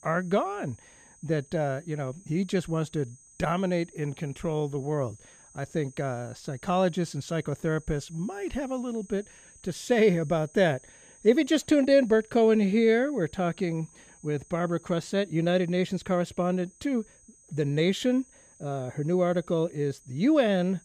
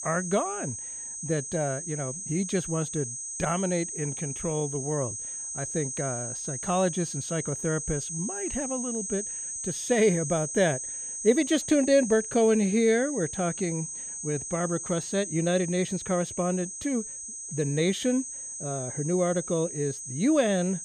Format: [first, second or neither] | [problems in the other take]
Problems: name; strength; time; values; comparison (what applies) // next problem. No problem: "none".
first | high-pitched whine; loud; throughout; 6.5 kHz, 5 dB below the speech; faint in the first